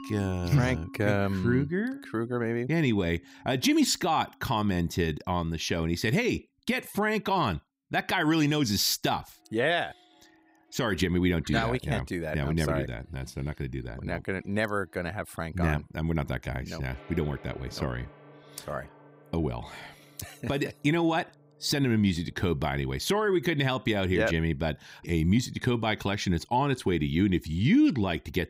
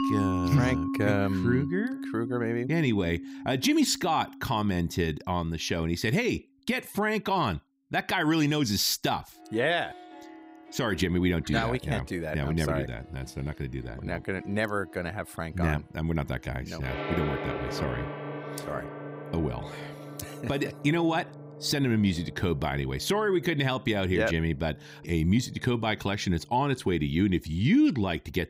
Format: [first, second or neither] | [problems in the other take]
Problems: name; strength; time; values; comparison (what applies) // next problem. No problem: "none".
first | background music; loud; throughout; 9 dB below the speech; faint in the first